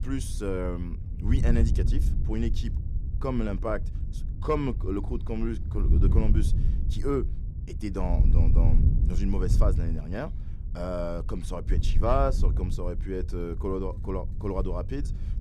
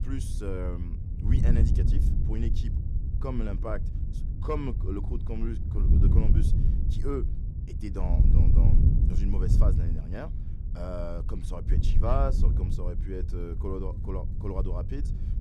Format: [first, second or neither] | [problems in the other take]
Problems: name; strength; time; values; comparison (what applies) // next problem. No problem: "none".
first | wind noise on the microphone; heavy; 5 dB below the speech; occasional gusts in the first